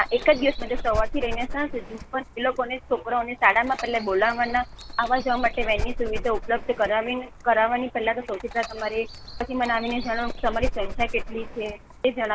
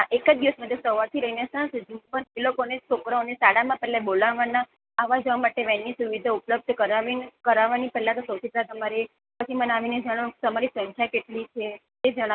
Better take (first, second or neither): second